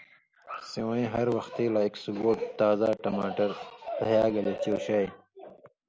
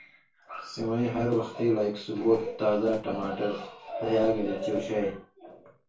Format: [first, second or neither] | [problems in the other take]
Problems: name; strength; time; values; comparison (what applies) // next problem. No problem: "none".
first | room echo; dies away in 0.3 s